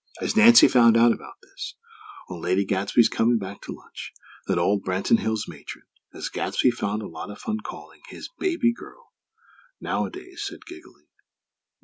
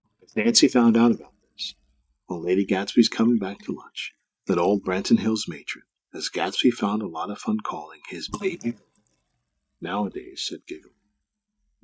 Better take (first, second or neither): first